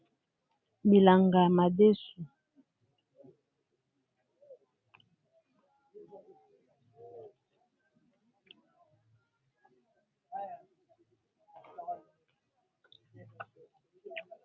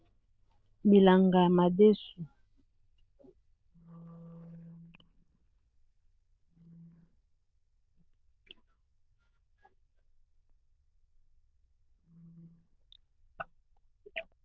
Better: first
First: none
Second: noise reduction (neural diffusion model UNIVERSE++)

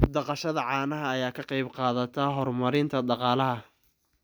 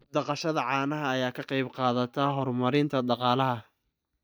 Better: first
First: none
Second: noise reduction (neural mask model DeepFilterNet 3)

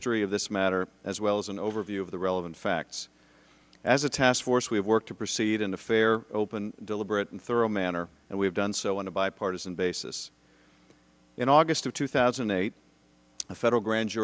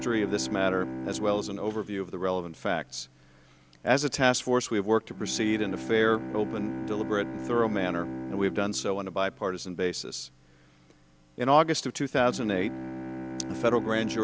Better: first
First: none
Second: background sound (Bowed string instrument); 10 dB below the speech

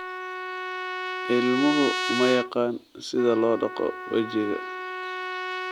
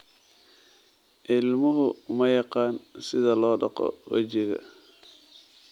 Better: second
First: background sound (Trumpet); 5 dB below the speech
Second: none

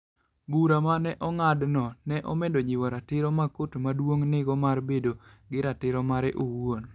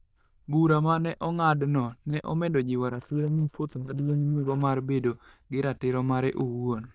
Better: first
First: none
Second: noise reduction (neural diffusion model UNIVERSE++)

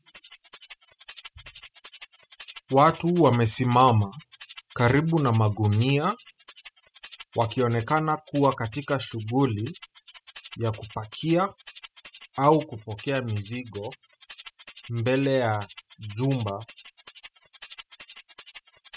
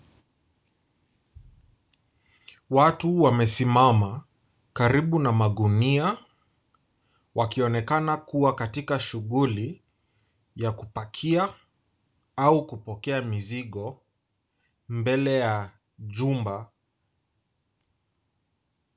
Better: second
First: noise reduction (classical method spectral subtraction)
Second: none

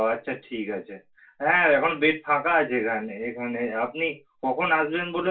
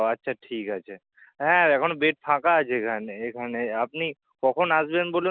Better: second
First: room echo; dies away in 0.2 s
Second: none

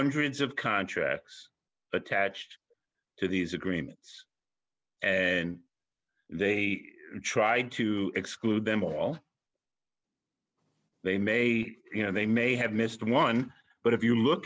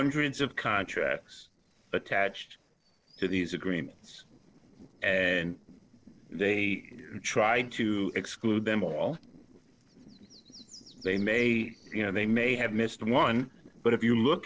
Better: first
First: none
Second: noise reduction (neural separator model SepFormer DNS4)

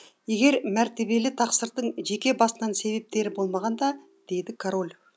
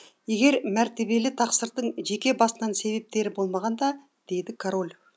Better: second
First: background sound (Ringtone); 18 dB below the speech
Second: none

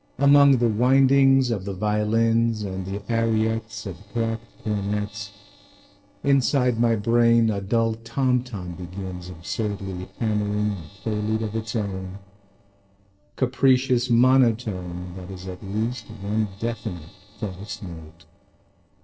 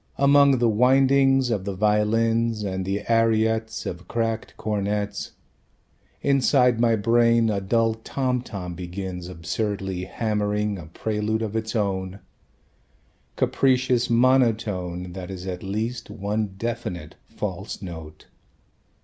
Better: second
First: noise reduction (neural separator model SepFormer DNS4)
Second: none

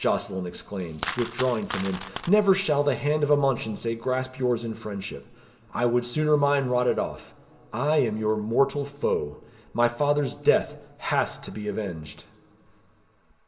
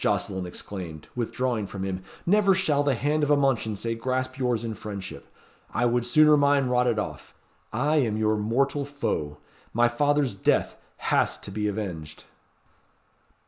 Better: second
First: background sound (Coin (dropping)); 11 dB below the speech // room echo; dies away in 1.9 s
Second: none

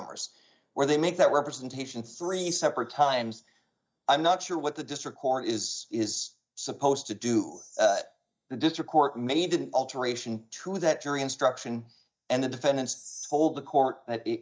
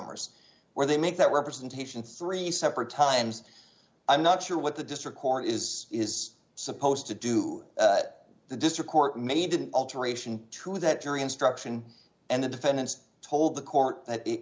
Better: second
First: noise reduction (neural mask model DeepFilterNet 3)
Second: none

